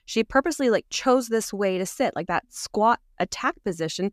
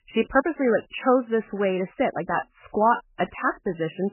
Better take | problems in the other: first | garbled, watery; badly; nothing above 3 kHz

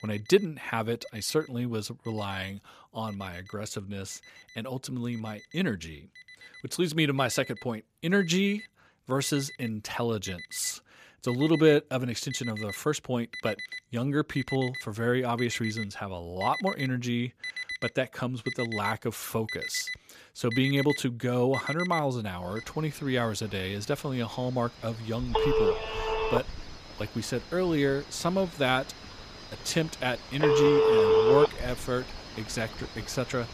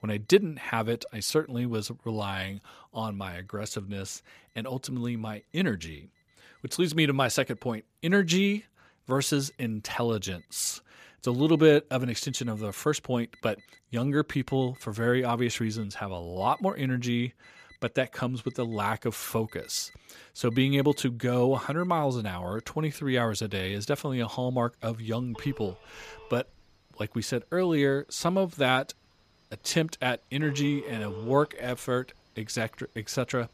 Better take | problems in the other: second | alarms or sirens; loud; throughout; 1 dB below the speech; faint in the second

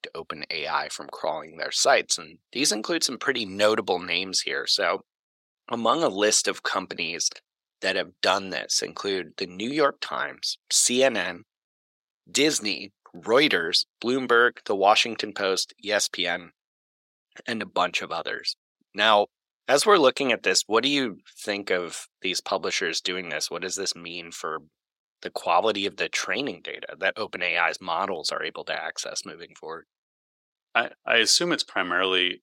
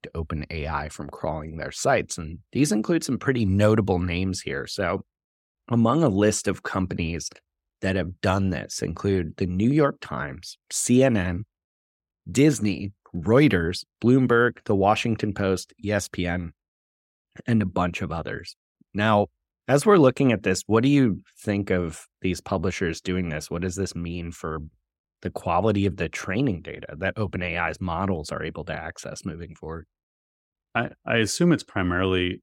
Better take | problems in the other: second | thin; somewhat; fading below 500 Hz

